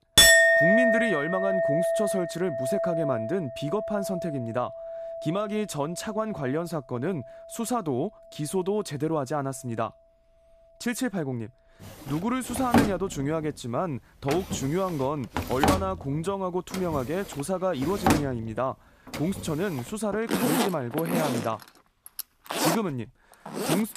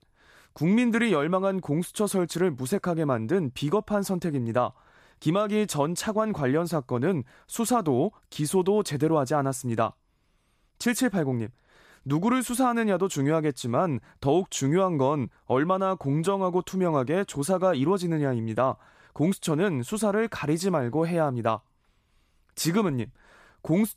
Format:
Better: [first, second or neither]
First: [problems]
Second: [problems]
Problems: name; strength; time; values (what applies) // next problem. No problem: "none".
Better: second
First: household noises; very loud; throughout; 5 dB above the speech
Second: none